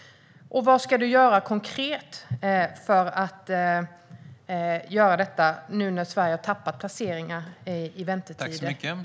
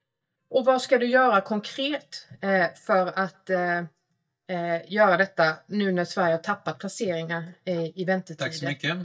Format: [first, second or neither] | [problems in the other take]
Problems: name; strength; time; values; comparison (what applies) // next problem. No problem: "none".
first | noise reduction (neural mask model DeepFilterNet 3)